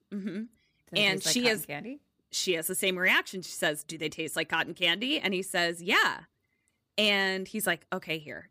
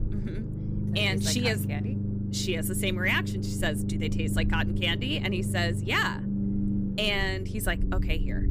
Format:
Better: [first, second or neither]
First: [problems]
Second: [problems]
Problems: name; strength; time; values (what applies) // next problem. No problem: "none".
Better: first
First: none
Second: low rumble; noticeable; throughout; 10 dB below the speech